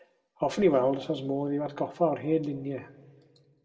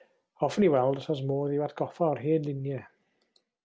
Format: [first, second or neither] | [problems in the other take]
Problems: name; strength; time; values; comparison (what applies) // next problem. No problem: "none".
second | room echo; dies away in 0.9 s